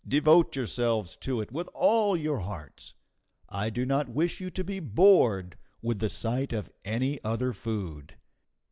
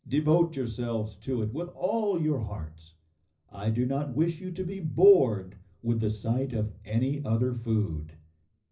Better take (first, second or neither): first